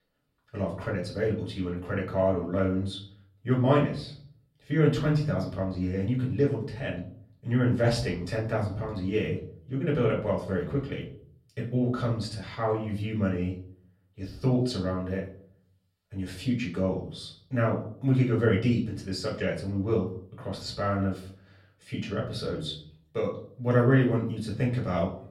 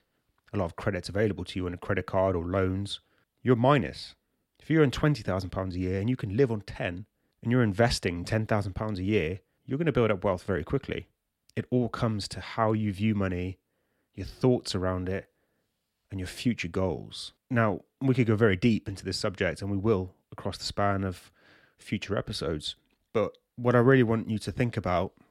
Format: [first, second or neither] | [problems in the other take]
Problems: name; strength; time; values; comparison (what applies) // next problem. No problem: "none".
second | off-mic speech; far // room echo; slight; dies away in 0.5 s